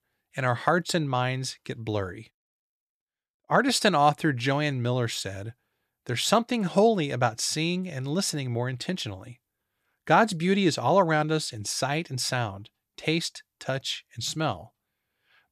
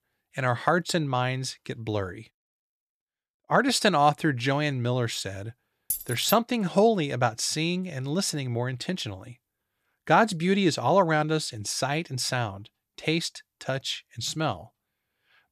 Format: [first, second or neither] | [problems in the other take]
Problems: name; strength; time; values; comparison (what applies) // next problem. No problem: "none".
first | jangling keys; noticeable; at 6 s; peak 5 dB below the speech